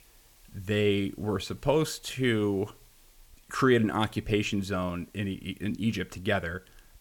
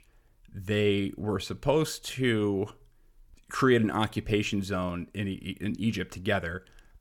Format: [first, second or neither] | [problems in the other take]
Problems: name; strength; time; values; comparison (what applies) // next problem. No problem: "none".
second | hiss; faint; throughout; 30 dB below the speech